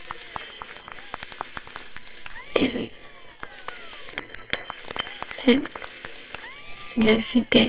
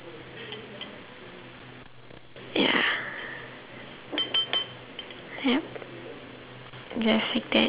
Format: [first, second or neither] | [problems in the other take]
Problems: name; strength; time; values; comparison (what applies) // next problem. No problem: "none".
second | noise reduction (neural separator model SepFormer WHAMR!)